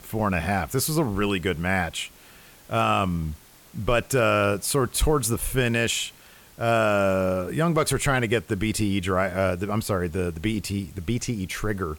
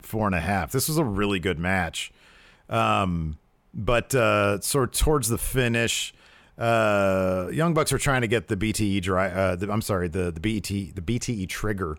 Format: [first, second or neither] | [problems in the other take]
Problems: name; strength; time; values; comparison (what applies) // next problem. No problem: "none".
second | hiss; faint; throughout; 25 dB below the speech